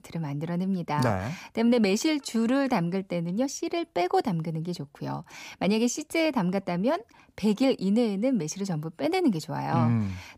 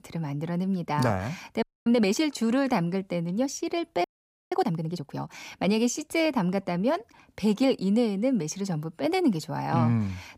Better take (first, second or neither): first